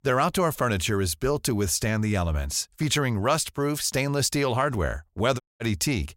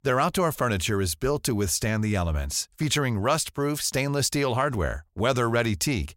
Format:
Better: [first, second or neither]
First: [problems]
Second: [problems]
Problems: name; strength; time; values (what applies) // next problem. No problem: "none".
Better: second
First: audio cutting out; at 5.5 s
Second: none